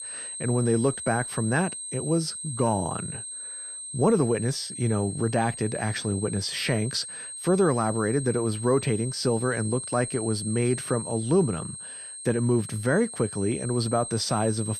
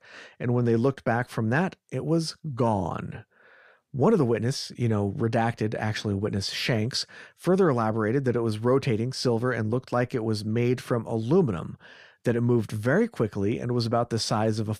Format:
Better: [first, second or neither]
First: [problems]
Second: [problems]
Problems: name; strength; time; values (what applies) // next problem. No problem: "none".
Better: second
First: high-pitched whine; loud; throughout; 8.5 kHz, 8 dB below the speech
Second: none